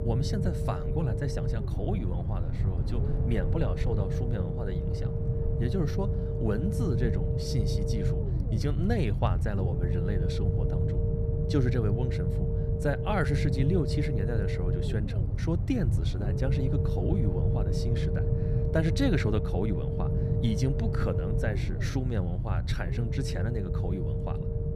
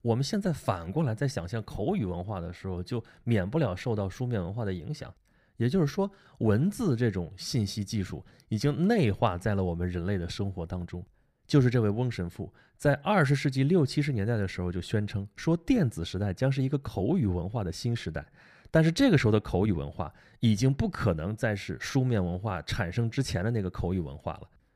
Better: second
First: low rumble; loud; throughout; 2 dB below the speech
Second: none

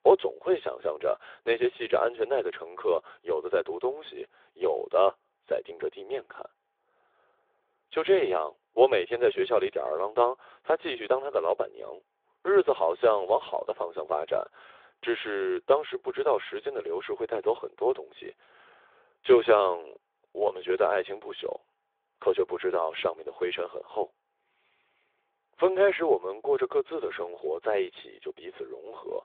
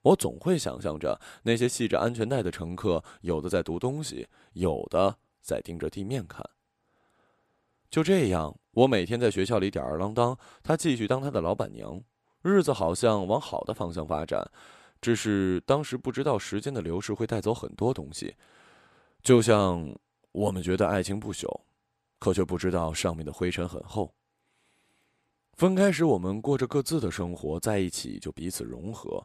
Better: second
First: phone-call audio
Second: none

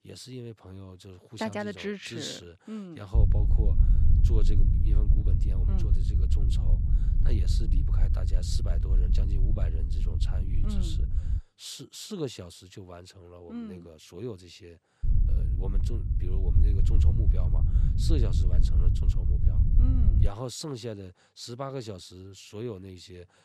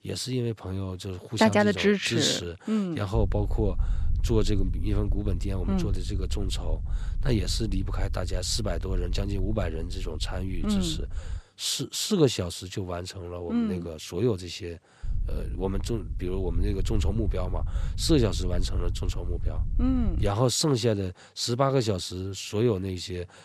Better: second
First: low rumble; loud; from 3 to 11 s and from 15 to 20 s; 3 dB below the speech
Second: low rumble; faint; from 3 to 11 s and from 15 to 20 s; 20 dB below the speech

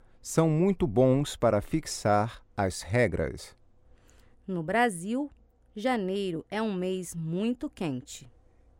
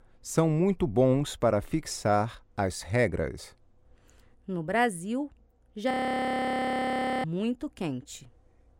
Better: first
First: none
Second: audio freezing; at 6 s for 1.5 s

